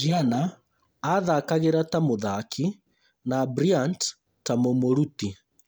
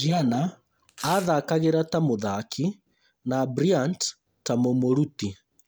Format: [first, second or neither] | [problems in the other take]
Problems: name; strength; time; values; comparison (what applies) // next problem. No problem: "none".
first | background sound (Domestic sounds, home sounds); 15 dB below the speech